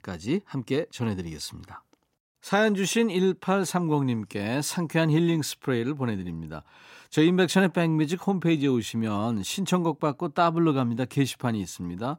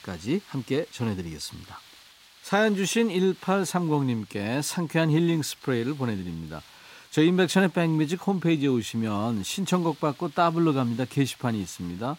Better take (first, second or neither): first